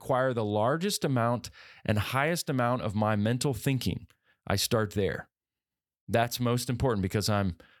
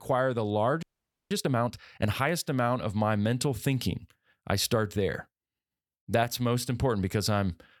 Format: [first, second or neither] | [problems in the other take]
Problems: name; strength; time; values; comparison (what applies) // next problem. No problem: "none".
first | audio freezing; at 1 s